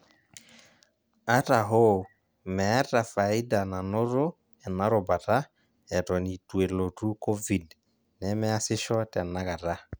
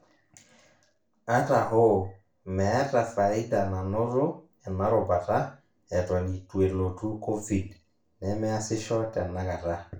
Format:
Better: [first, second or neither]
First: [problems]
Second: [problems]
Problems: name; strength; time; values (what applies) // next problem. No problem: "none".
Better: first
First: none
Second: room echo; dies away in 0.3 s